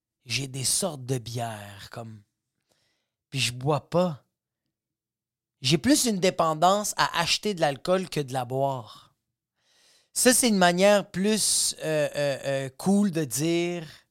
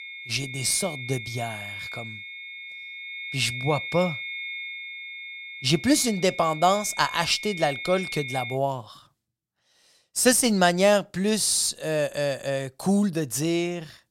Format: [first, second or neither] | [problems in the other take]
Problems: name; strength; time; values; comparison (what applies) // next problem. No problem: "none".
first | high-pitched whine; loud; until 8.5 s; 2 kHz, 10 dB below the speech